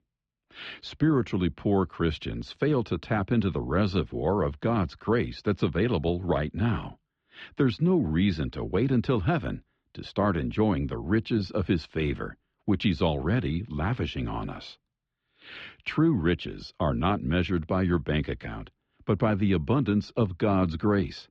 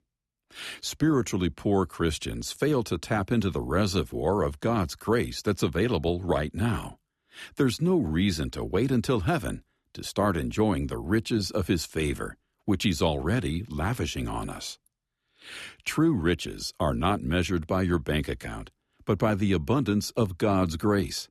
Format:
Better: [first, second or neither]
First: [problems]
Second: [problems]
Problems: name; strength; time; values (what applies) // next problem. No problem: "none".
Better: second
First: muffled; slightly; fading above 4 kHz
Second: none